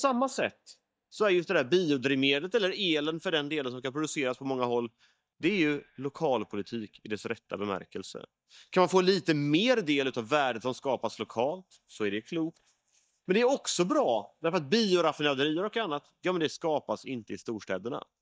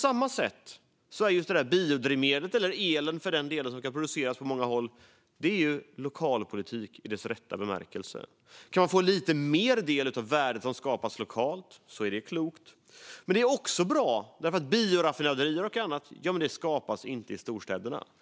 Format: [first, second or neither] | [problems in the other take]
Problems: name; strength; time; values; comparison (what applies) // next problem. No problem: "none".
second | noise reduction (neural mask model DeepFilterNet 3)